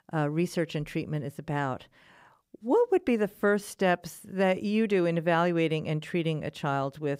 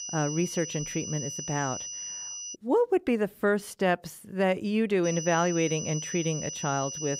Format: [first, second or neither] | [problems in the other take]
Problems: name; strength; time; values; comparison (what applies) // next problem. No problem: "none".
first | high-pitched whine; loud; until 2.5 s and from 5 s on; 6 kHz, 7 dB below the speech